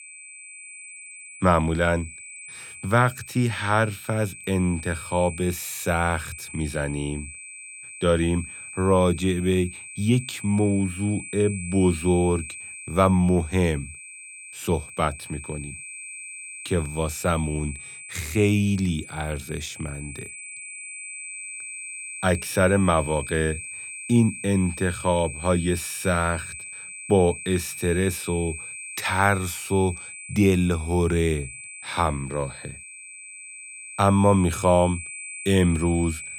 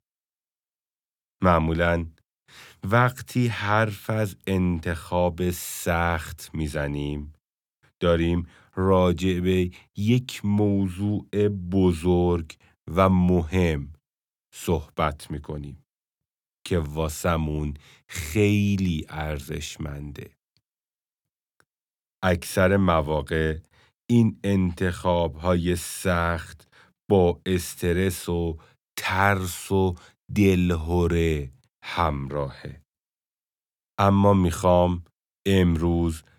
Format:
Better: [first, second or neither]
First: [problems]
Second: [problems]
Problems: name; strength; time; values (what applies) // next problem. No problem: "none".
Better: second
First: high-pitched whine; noticeable; throughout; 8 kHz, 10 dB below the speech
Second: none